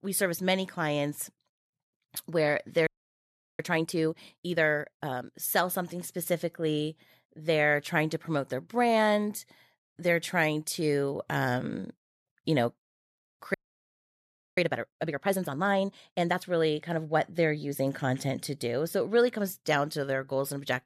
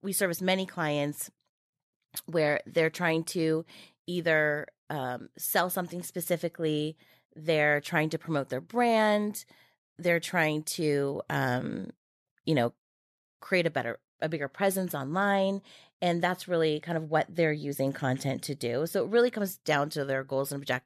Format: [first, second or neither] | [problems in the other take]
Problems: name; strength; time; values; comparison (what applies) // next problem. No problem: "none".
second | audio freezing; at 3 s for 0.5 s and at 14 s for 1 s